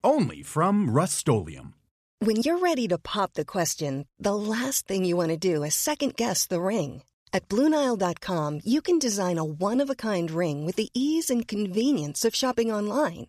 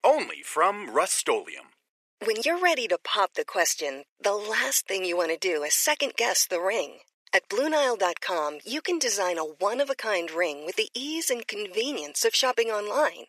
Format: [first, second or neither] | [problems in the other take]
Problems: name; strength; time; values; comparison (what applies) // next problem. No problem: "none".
first | thin; very; fading below 400 Hz